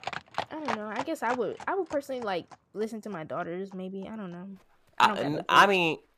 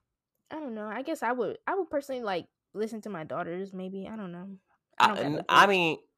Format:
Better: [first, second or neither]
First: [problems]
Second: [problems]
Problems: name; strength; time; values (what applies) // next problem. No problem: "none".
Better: second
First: animal sounds; noticeable; throughout; 10 dB below the speech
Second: none